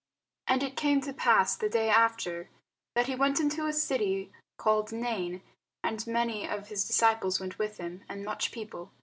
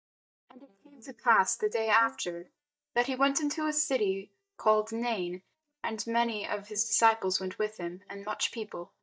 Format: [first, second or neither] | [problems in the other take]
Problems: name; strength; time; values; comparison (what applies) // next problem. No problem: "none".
first | noise reduction (neural mask model DeepFilterNet 3)